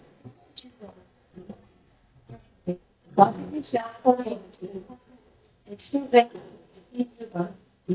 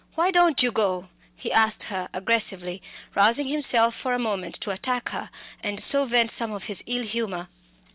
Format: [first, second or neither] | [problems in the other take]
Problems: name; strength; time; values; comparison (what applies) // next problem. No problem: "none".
second | noise reduction (neural mask model DeepFilterNet 3)